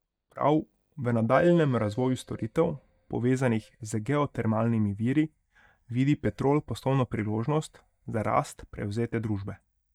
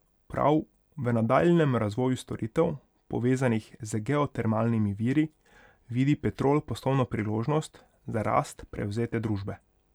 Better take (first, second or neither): second